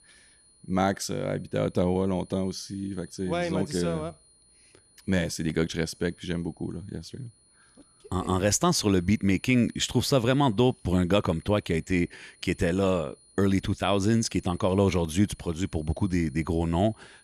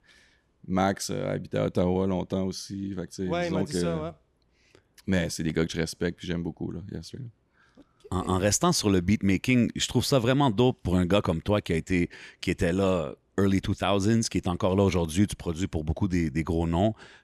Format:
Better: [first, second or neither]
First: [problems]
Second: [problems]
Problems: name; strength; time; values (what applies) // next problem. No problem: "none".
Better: second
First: high-pitched whine; faint; throughout; 9.5 kHz, 30 dB below the speech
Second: none